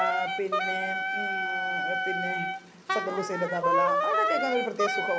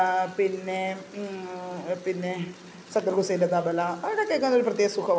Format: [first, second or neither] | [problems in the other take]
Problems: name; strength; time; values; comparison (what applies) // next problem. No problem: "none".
second | background sound (Wind instrument, woodwind instrument); 4 dB above the speech